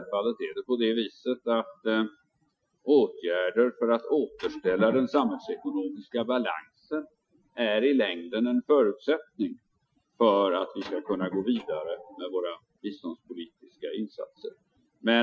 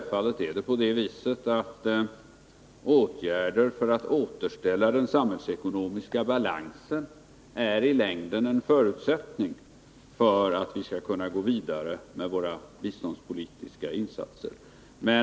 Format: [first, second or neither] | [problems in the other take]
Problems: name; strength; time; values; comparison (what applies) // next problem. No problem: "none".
second | noise reduction (classical method Wiener filter)